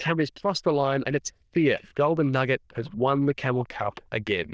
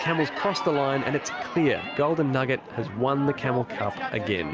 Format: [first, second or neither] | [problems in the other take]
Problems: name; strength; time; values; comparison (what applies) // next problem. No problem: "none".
second | noise reduction (neural diffusion model UNIVERSE++)